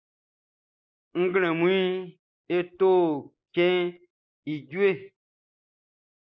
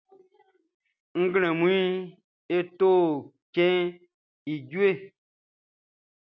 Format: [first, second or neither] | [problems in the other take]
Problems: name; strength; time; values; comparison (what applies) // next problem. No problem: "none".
second | noise reduction (neural mask model Resemble Enhance denoiser)